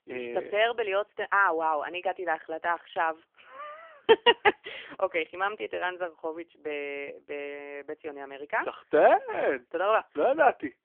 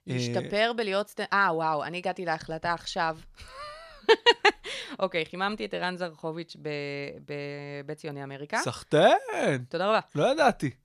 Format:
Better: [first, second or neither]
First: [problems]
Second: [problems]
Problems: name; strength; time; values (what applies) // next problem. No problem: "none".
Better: second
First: phone-call audio; poor line; nothing above 3 kHz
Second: none